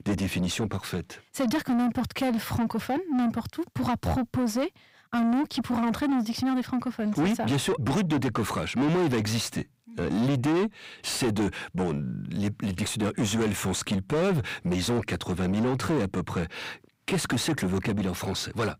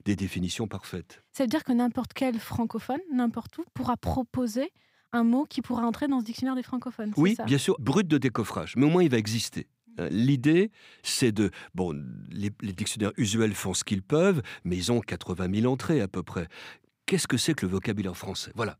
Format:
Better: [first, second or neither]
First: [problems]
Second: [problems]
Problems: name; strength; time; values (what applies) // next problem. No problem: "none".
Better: second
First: distortion; heavy; 7 dB below the speech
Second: none